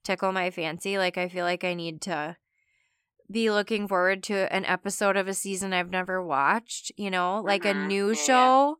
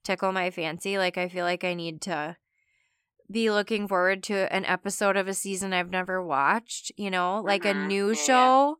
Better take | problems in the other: neither | none

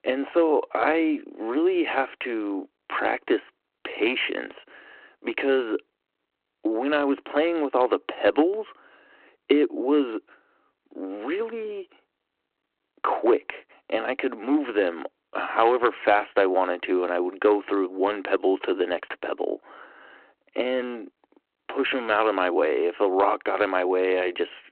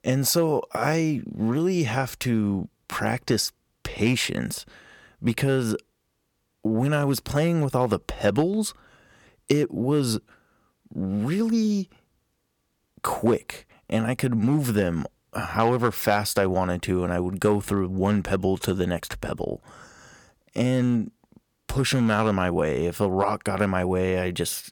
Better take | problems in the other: second | phone-call audio

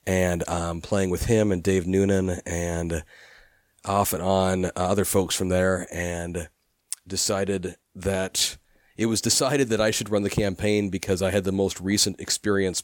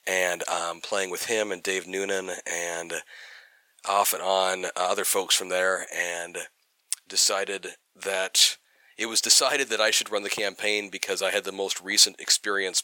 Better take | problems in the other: first | thin; very; fading below 650 Hz

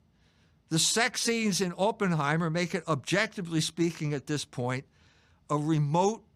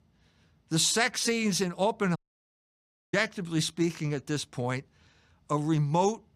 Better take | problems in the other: first | audio cutting out; at 2 s for 1 s

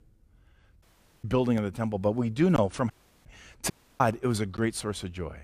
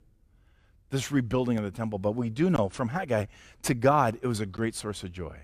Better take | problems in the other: second | audio cutting out; at 1 s, at 3 s and at 3.5 s

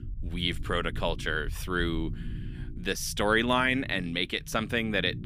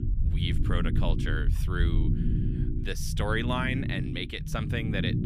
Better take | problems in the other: first | low rumble; loud; throughout; 8 dB below the speech; faint in the first

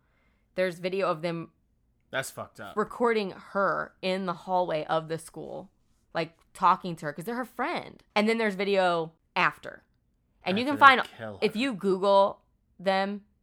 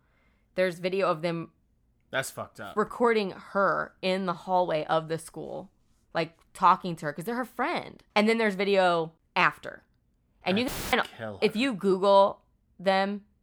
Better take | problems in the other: first | audio cutting out; filled with static; at 11 s

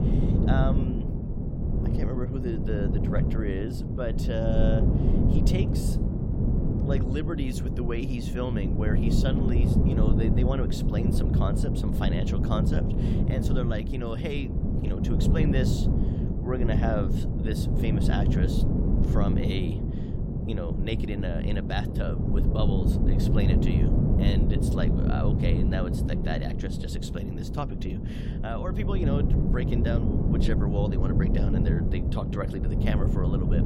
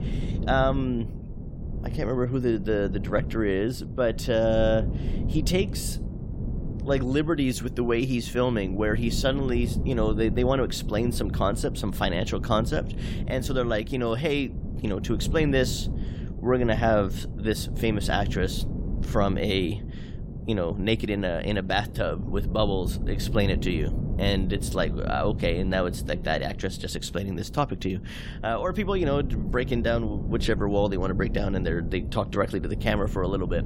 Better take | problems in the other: second | wind noise on the microphone; heavy; as loud as the speech; occasional gusts in the second

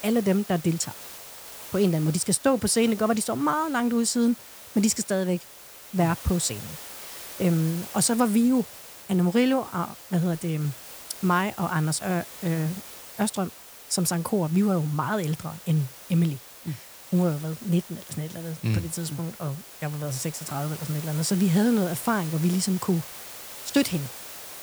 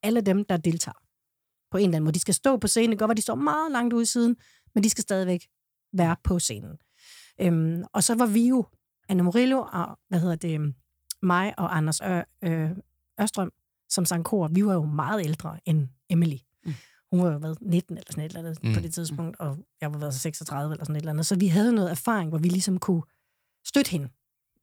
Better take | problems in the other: second | hiss; noticeable; throughout; 15 dB below the speech

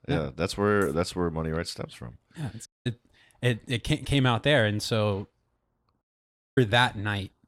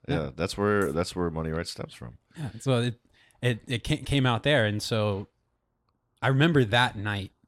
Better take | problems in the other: second | audio cutting out; at 2.5 s and at 6 s for 0.5 s

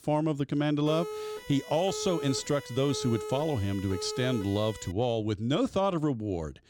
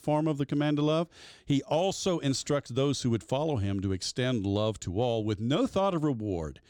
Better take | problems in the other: second | siren; noticeable; from 1 to 5 s; peak 7 dB below the speech

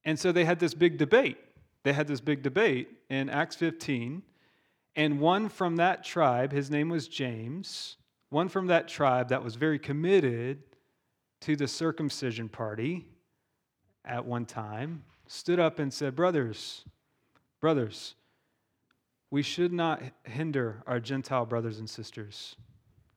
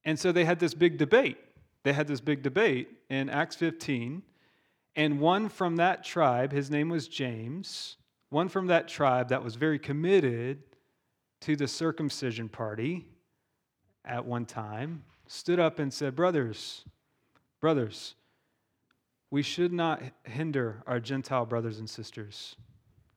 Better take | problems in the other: neither | none

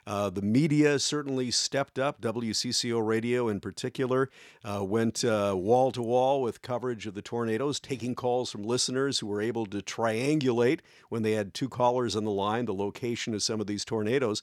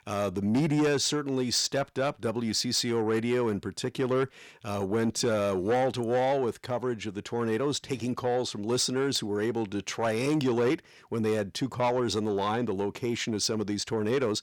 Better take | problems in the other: first | distortion; slight; 10 dB below the speech

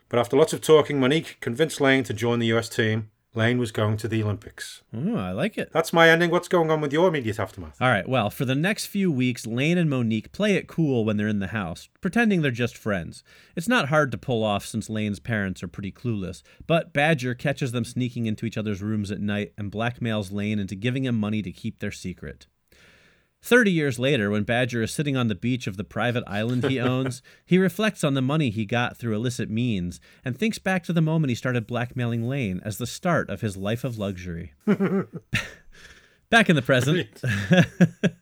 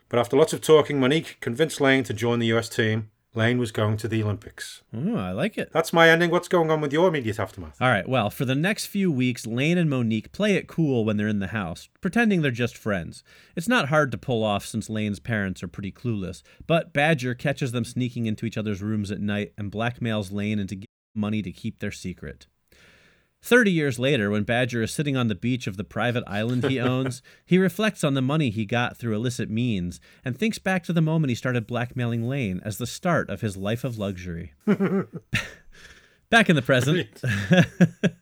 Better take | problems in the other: first | audio cutting out; at 21 s

